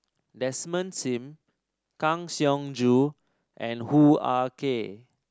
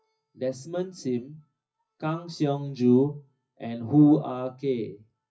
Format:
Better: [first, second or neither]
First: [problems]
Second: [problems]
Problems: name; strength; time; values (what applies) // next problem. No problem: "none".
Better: first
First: none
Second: noise reduction (classical method WPE with log-MMSE)